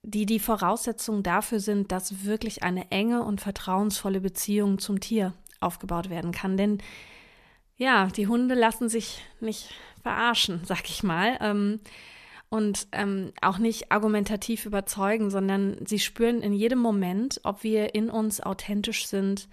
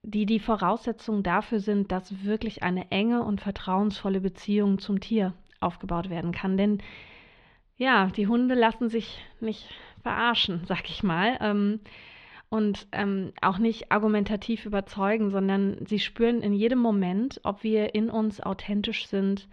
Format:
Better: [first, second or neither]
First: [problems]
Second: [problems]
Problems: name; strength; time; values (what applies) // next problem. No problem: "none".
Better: first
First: none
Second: muffled; slightly; fading above 3.5 kHz